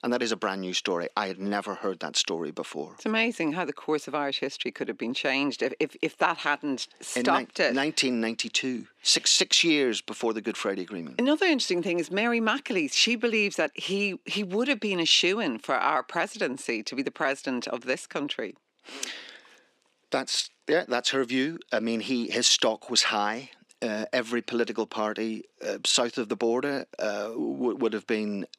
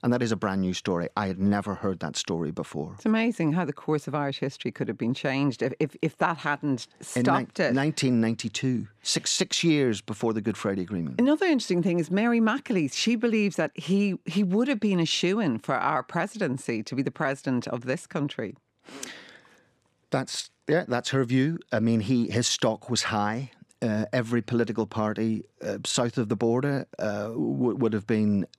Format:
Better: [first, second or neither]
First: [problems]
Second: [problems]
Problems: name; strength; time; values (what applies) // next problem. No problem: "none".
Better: second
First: thin; very slightly; fading below 250 Hz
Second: none